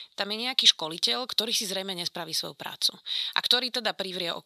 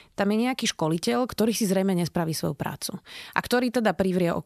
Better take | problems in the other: second | thin; somewhat; fading below 900 Hz

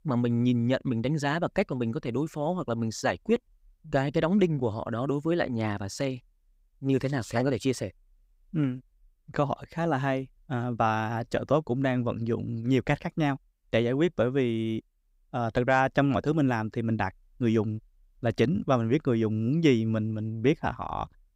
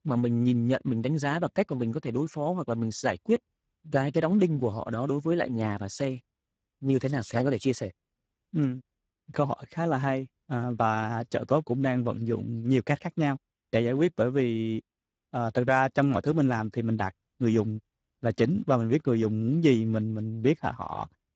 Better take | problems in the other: first | garbled, watery; badly; nothing above 7.5 kHz

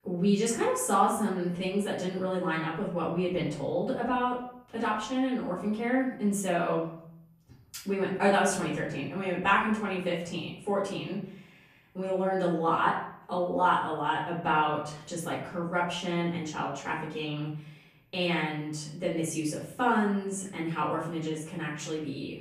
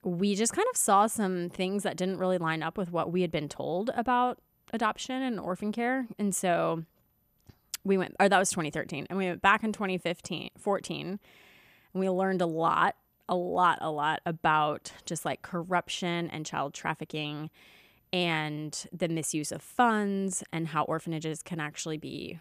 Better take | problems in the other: second | off-mic speech; far // room echo; noticeable; dies away in 0.7 s

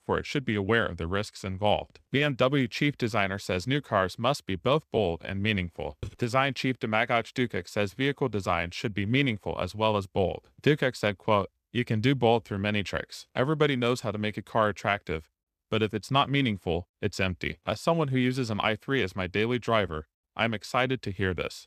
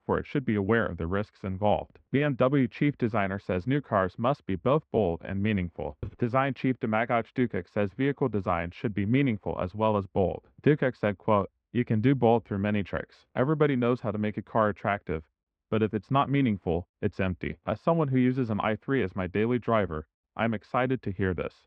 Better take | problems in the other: first | muffled; very; fading above 1.5 kHz

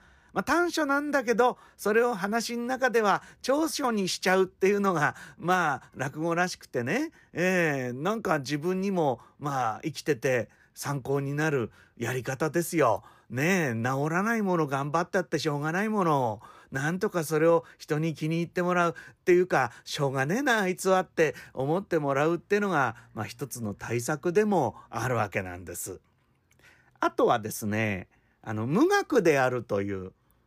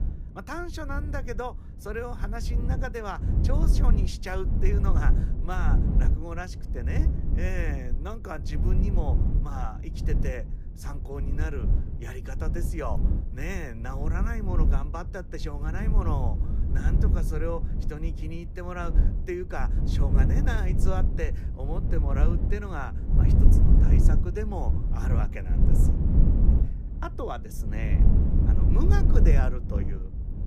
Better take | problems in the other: first | wind noise on the microphone; heavy; 4 dB below the speech

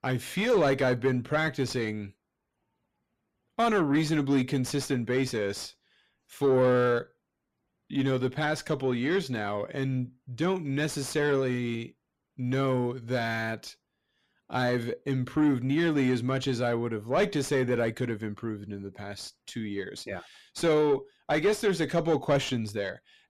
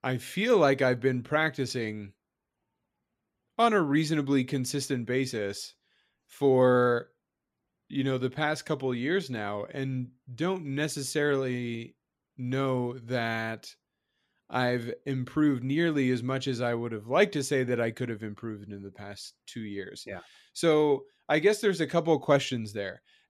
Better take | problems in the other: second | distortion; slight; 10 dB below the speech

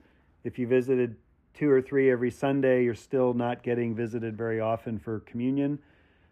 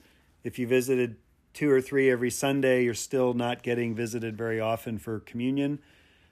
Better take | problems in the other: second | muffled; very; fading above 3 kHz

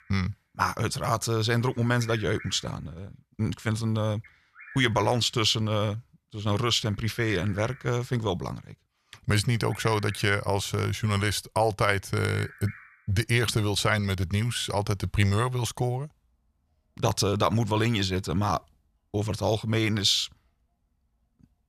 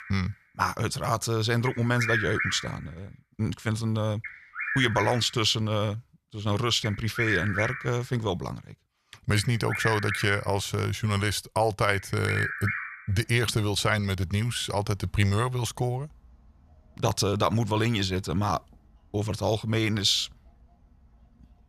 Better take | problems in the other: first | animal sounds; loud; throughout; 5 dB below the speech; faint in the first

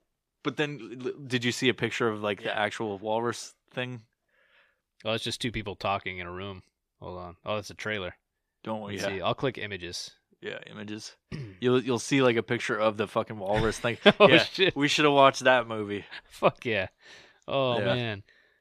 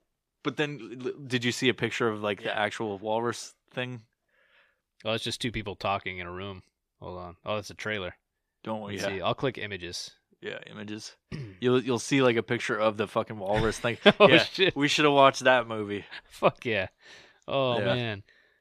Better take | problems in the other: neither | none

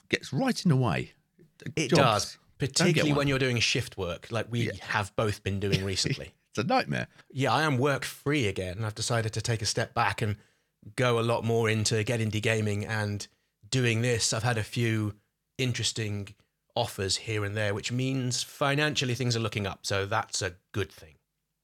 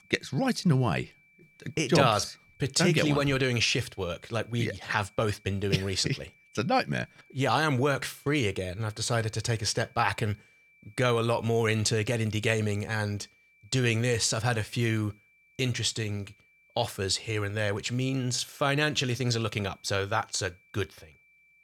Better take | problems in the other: first | high-pitched whine; faint; throughout; 2.5 kHz, 30 dB below the speech

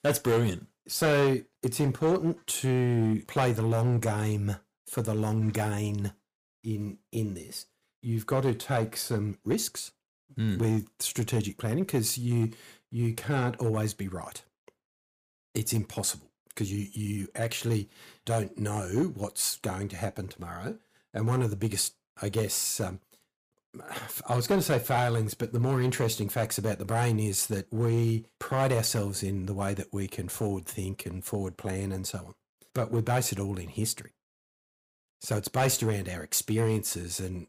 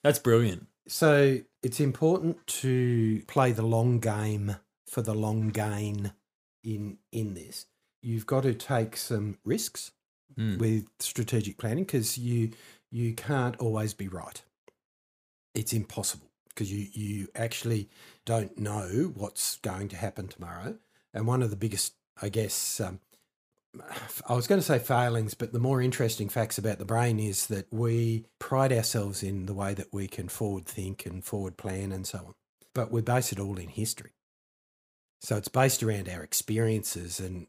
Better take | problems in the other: second | distortion; slight; 3% of the sound clipped

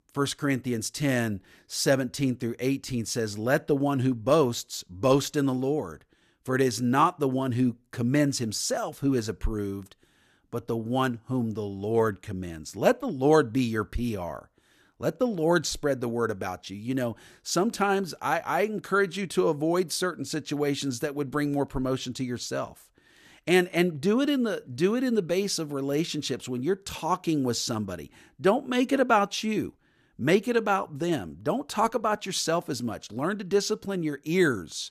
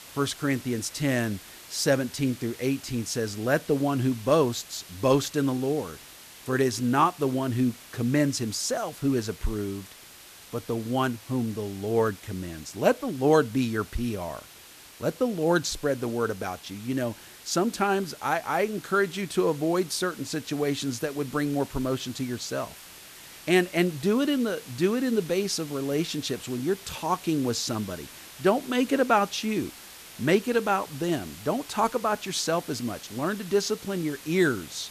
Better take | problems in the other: first | hiss; noticeable; throughout; 15 dB below the speech

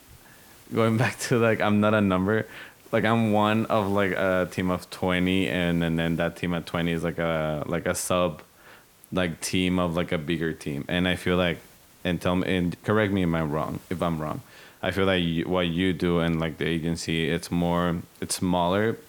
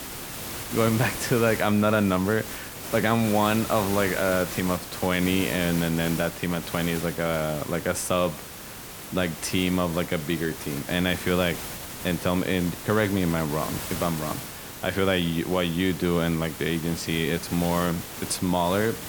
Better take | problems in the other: first | hiss; loud; throughout; 9 dB below the speech; faint in the first

